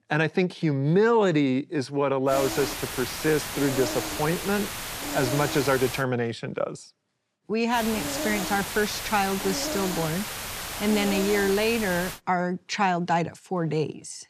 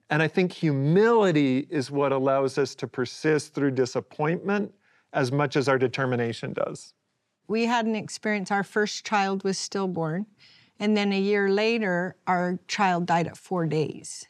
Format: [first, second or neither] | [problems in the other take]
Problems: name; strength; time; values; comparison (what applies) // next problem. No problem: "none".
second | hiss; loud; from 2.5 to 6 s and from 7.5 to 12 s; 5 dB below the speech